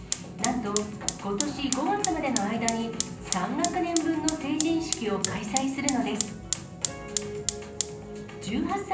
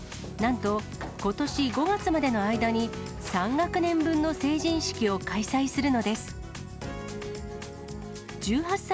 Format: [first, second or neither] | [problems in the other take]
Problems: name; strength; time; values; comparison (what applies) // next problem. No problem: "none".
second | background sound (Fire); 5 dB below the speech // room echo; dies away in 0.6 s